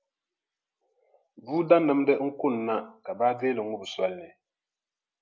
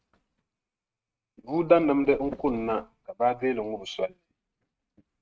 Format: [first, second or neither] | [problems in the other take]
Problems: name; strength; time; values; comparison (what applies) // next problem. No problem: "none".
first | noise reduction (neural mask model RNNoise)